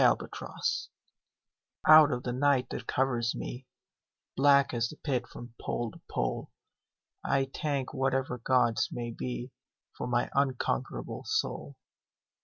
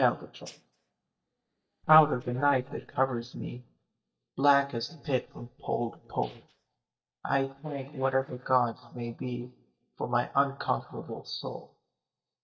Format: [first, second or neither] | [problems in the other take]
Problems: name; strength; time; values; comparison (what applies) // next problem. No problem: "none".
first | noise reduction (neural mask model DeepFilterNet 3)